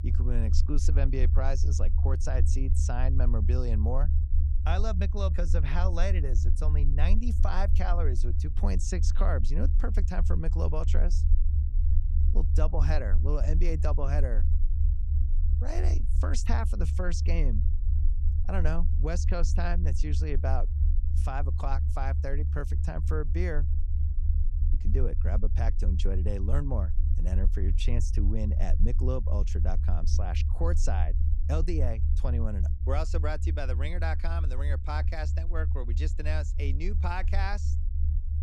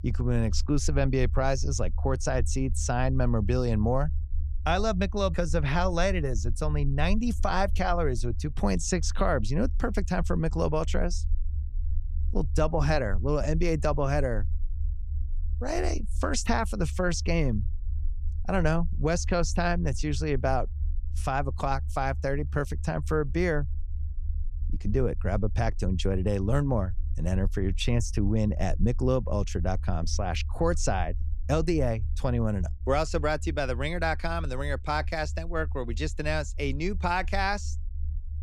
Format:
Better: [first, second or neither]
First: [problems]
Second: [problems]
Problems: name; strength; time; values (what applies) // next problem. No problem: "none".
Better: second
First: low rumble; loud; throughout; 9 dB below the speech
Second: low rumble; faint; throughout; 25 dB below the speech